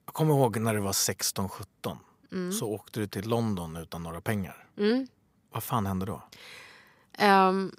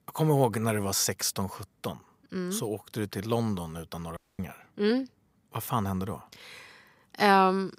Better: first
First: none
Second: audio cutting out; at 4 s

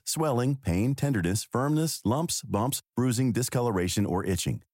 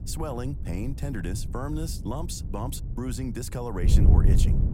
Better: first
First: none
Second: wind noise on the microphone; heavy; 6 dB below the speech

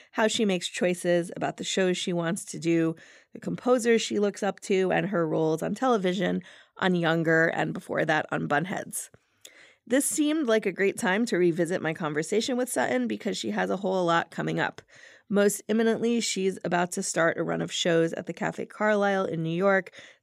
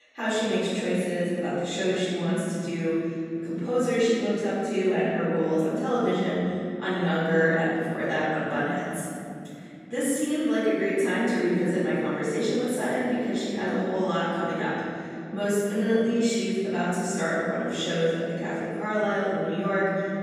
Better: first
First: none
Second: off-mic speech; far // room echo; strong; dies away in 2.8 s

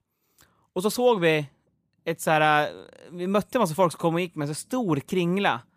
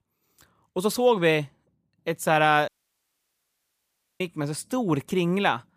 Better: first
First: none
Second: audio cutting out; at 2.5 s for 1.5 s

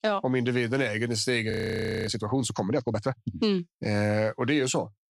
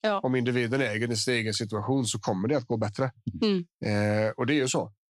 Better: second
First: audio freezing; at 1.5 s for 0.5 s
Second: none

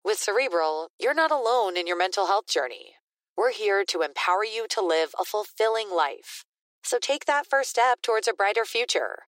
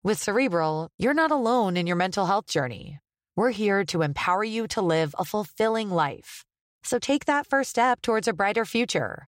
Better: second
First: thin; very; fading below 350 Hz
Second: none

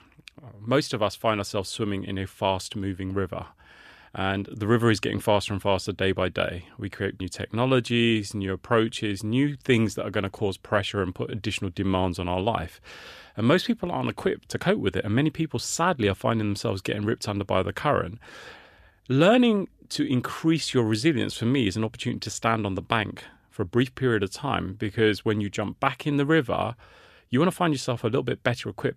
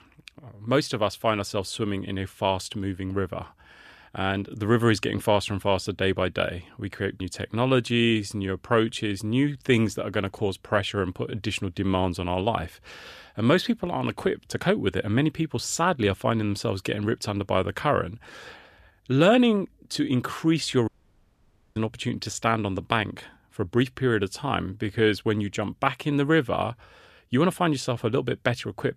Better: first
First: none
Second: audio cutting out; at 21 s for 1 s

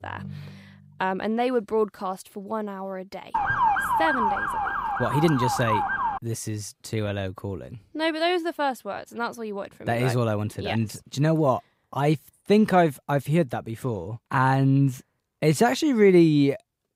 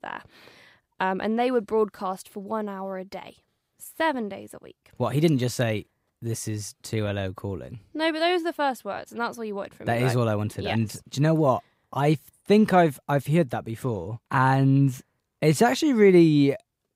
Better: second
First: phone ringing; faint; until 1 s; peak 15 dB below the speech // siren; loud; from 3.5 to 6 s; peak 3 dB above the speech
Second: none

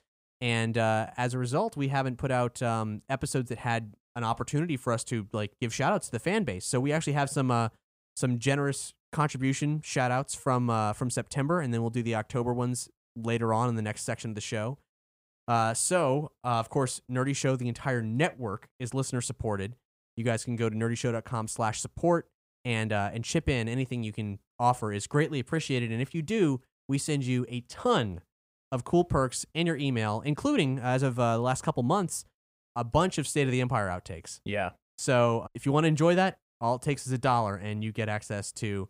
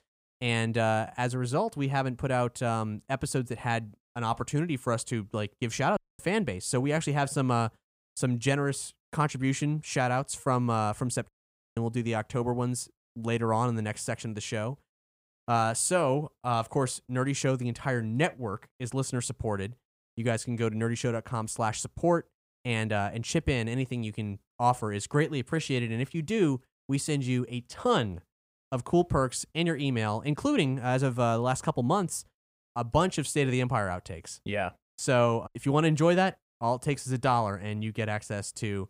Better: first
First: none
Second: audio cutting out; at 6 s and at 11 s

